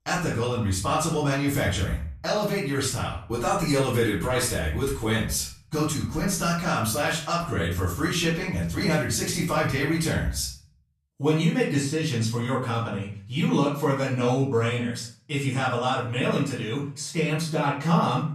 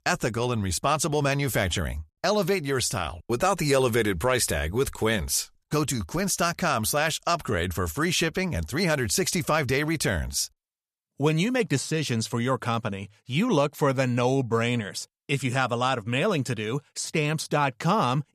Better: second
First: room echo; noticeable; dies away in 0.4 s // off-mic speech; far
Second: none

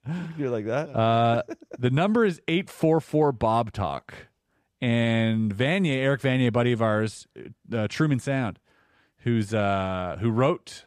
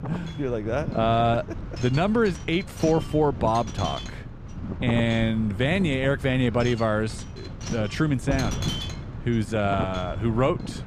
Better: first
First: none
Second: wind noise on the microphone; occasional gusts; 10 dB below the speech

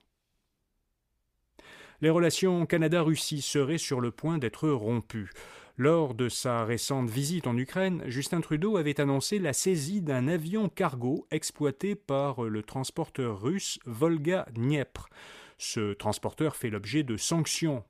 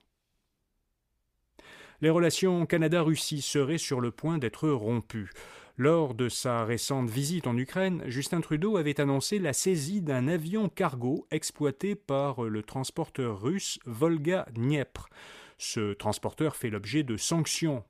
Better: neither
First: none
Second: none

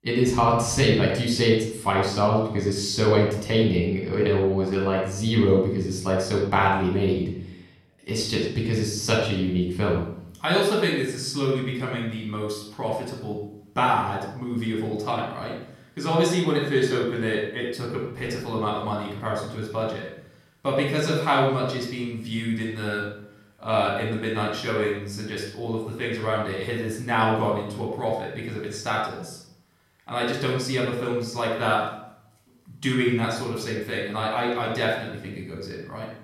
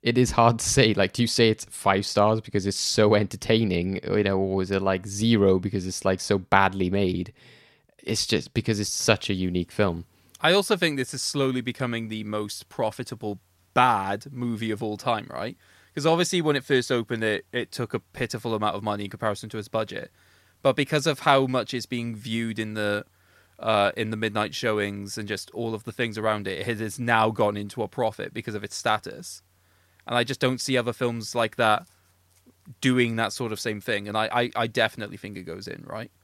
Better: second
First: off-mic speech; far // room echo; noticeable; dies away in 0.6 s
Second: none

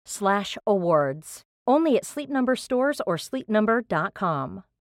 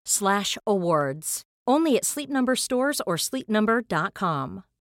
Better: second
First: muffled; slightly; fading above 3.5 kHz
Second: none

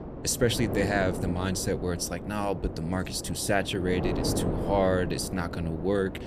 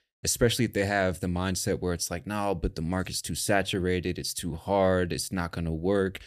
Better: second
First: wind noise on the microphone; heavy; 8 dB below the speech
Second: none

